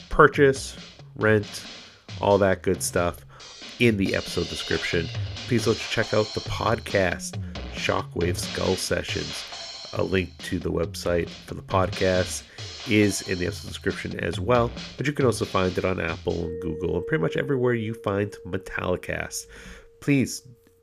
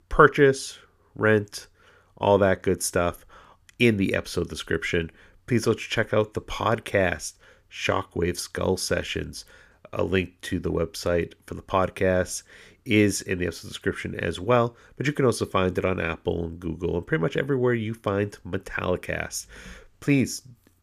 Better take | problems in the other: second | background music; noticeable; throughout; 10 dB below the speech

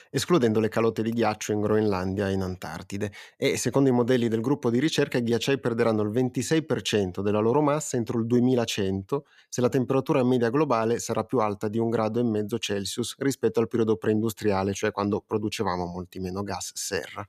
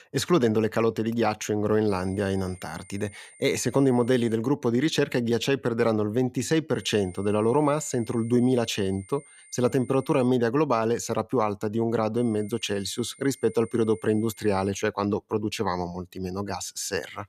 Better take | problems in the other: first | high-pitched whine; faint; from 2 to 4.5 s, from 7 to 10 s and from 12 to 15 s; 9 kHz, 25 dB below the speech

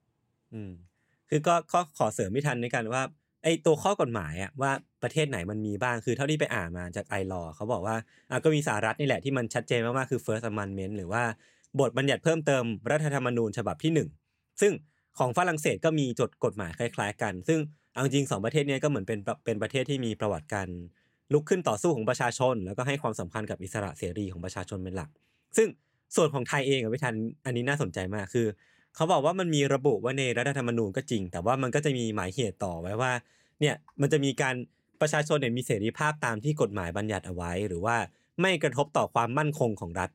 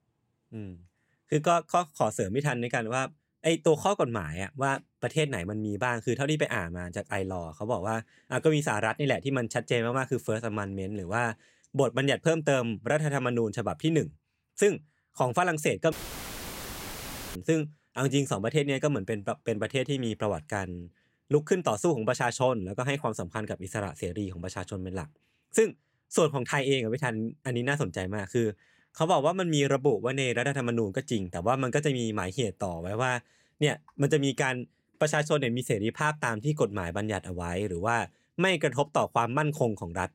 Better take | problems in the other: first | audio cutting out; filled with static; at 16 s for 1.5 s

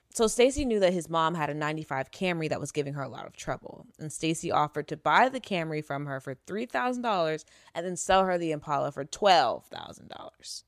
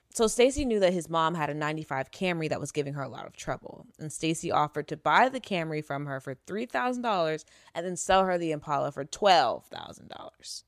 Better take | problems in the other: neither | none

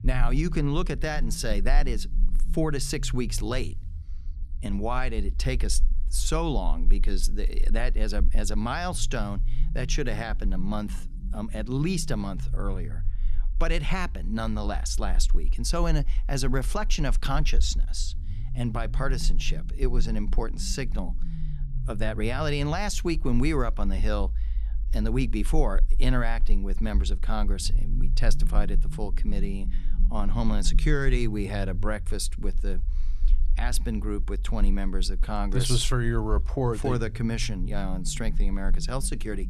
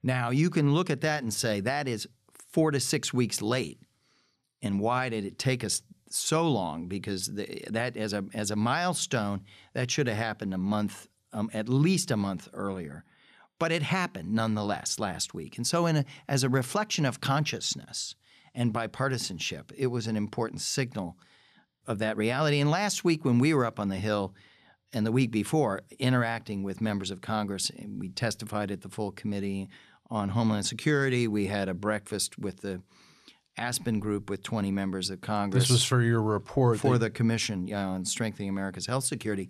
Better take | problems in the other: second | low rumble; noticeable; throughout; 20 dB below the speech

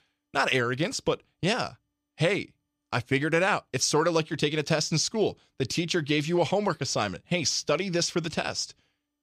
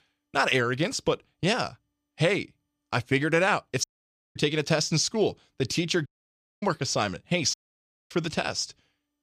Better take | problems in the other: first | audio cutting out; at 4 s for 0.5 s, at 6 s for 0.5 s and at 7.5 s for 0.5 s

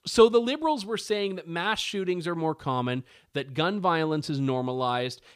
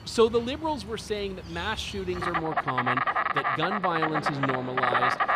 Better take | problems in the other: first | animal sounds; very loud; throughout; 3 dB above the speech

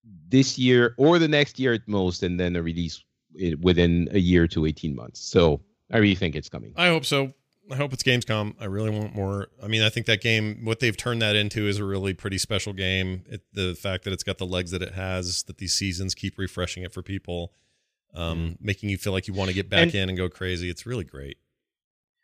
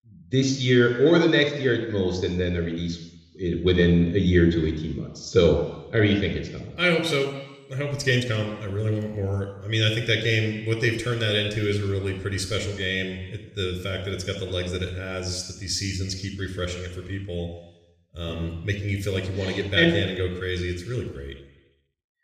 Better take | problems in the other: first | room echo; slight; dies away in 1 s

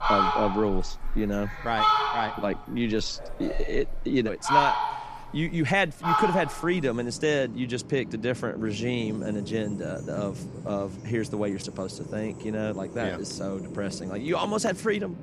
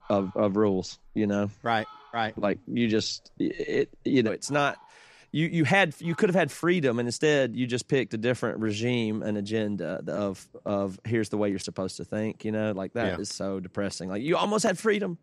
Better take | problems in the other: second | animal sounds; loud; throughout; 2 dB below the speech; faint in the second

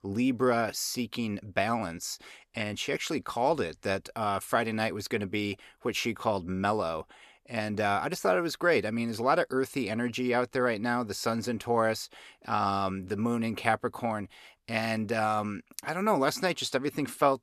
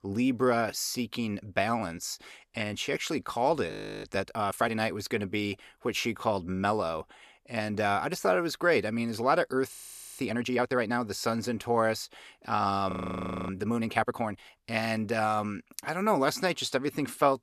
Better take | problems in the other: first | audio freezing; at 3.5 s, at 9.5 s and at 13 s for 0.5 s

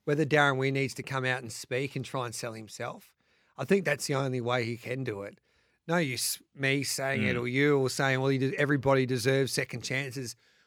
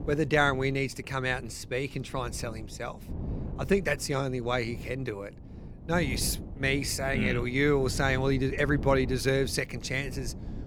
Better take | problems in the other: first | wind noise on the microphone; occasional gusts; 20 dB below the speech

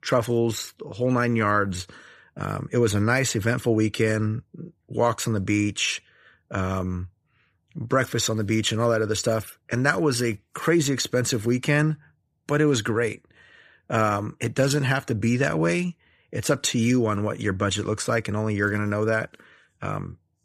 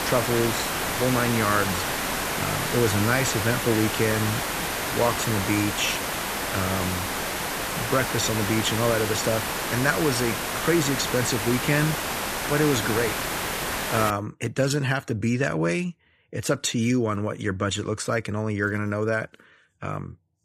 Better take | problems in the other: first | hiss; loud; until 14 s; 1 dB below the speech

